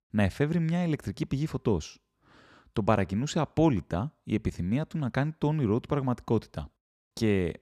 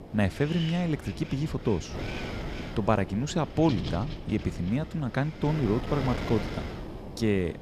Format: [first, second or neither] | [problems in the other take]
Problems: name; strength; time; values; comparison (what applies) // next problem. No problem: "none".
first | wind noise on the microphone; heavy; 8 dB below the speech